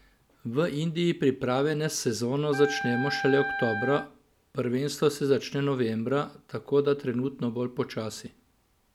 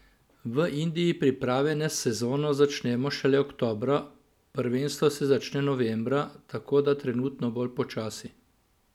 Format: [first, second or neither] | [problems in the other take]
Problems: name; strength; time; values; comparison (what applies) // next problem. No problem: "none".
second | background sound (Wind instrument, woodwind instrument); 6 dB below the speech